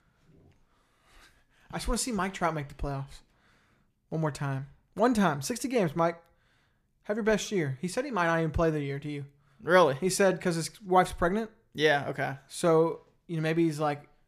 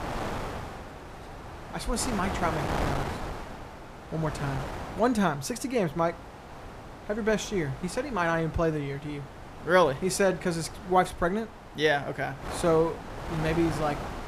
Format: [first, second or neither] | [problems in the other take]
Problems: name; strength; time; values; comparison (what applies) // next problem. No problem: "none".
first | wind noise on the microphone; occasional gusts; 10 dB below the speech